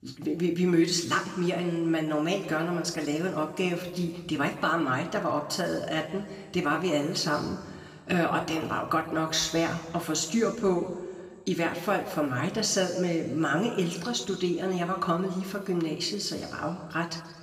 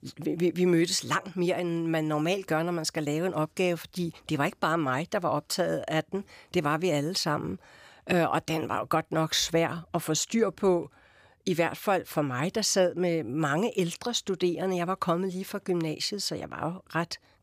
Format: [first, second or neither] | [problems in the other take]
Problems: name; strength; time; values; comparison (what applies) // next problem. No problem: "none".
second | room echo; slight; dies away in 1.4 s // off-mic speech; somewhat distant